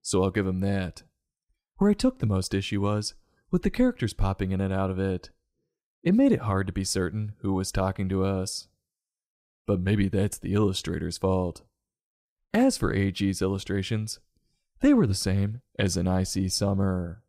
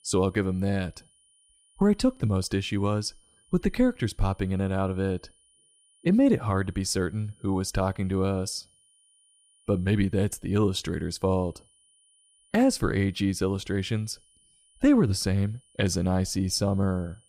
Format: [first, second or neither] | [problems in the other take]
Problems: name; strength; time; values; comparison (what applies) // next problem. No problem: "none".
first | high-pitched whine; faint; throughout; 9.5 kHz, 35 dB below the speech